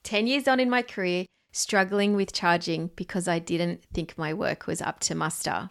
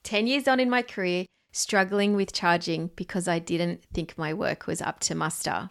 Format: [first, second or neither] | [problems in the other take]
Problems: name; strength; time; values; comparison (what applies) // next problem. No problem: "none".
neither | none